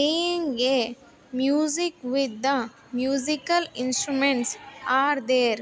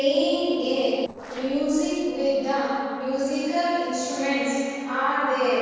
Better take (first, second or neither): first